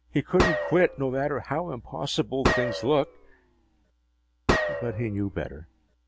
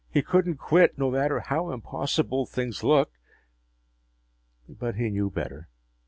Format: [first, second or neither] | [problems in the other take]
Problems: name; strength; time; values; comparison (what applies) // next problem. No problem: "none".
second | background sound (Gunshot, gunfire); 1 dB below the speech